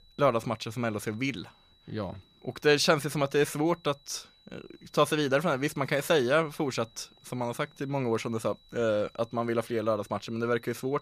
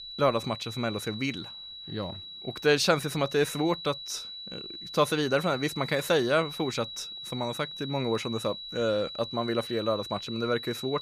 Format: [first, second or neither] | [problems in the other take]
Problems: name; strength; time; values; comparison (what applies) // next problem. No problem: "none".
first | high-pitched whine; loud; throughout; 4 kHz, 9 dB below the speech; faint in the first